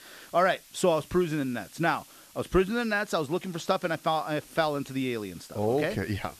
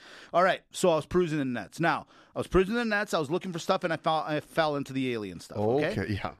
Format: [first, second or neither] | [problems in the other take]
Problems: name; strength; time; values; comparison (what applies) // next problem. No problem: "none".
second | hiss; faint; throughout; 20 dB below the speech